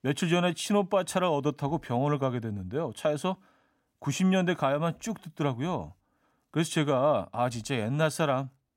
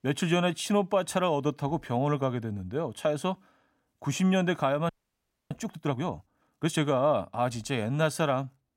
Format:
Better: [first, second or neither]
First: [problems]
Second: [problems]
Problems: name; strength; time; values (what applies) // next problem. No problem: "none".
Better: first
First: none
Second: audio freezing; at 5 s for 0.5 s